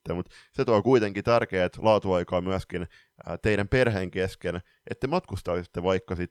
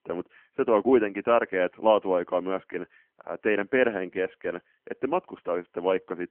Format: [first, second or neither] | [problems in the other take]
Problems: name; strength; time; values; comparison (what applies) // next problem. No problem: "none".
first | phone-call audio; nothing above 3 kHz